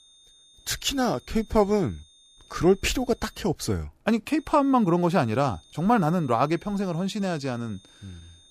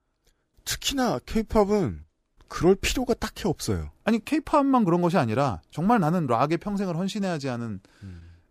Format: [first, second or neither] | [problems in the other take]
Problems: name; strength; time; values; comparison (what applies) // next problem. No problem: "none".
second | high-pitched whine; faint; until 3.5 s and from 4.5 s on; 3.5 kHz, 30 dB below the speech